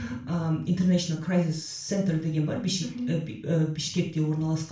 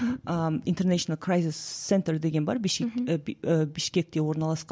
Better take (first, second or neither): second